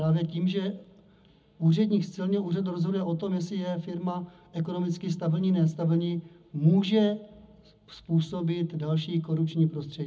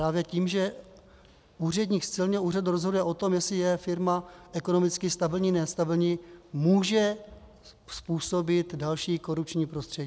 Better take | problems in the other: second | room echo; dies away in 0.4 s

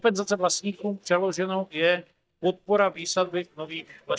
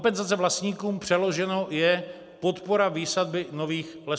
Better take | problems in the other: second | noise reduction (neural mask model DeepFilterNet 3)

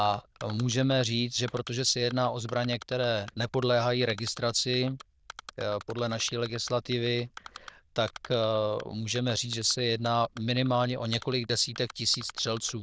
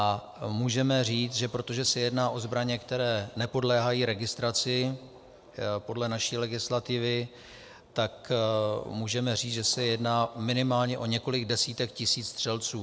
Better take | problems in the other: second | noise reduction (neural diffusion model UNIVERSE++)

